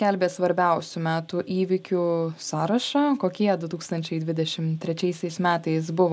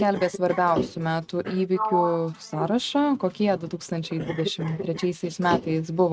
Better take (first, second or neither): first